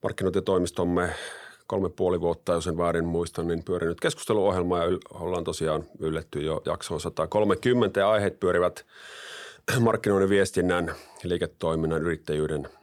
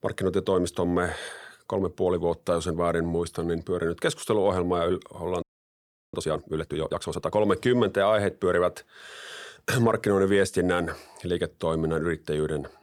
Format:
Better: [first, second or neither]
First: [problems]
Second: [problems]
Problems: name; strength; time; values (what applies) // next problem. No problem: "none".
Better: first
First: none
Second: audio freezing; at 5.5 s for 0.5 s